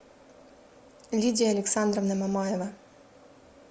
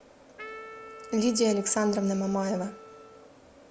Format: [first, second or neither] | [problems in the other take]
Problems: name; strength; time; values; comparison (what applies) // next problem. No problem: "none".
first | background sound (Wind instrument, woodwind instrument); 17 dB below the speech